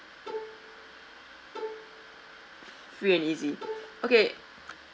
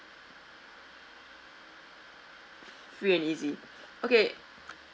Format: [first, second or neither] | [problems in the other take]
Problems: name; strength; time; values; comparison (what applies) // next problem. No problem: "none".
second | background sound (Bowed string instrument); 11 dB below the speech